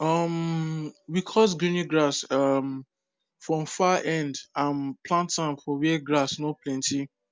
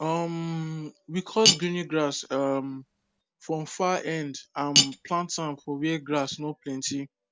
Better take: first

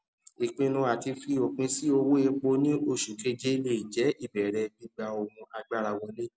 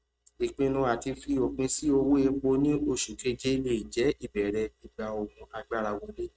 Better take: first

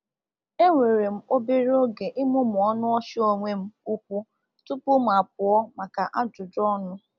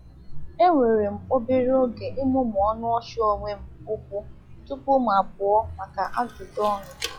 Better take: first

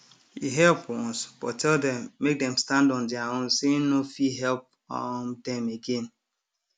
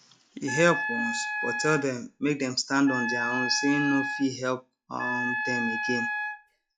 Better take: first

